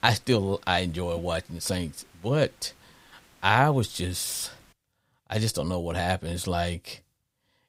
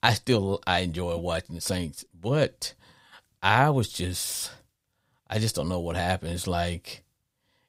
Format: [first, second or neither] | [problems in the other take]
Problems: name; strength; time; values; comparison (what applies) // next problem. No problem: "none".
second | hiss; faint; until 4.5 s; 30 dB below the speech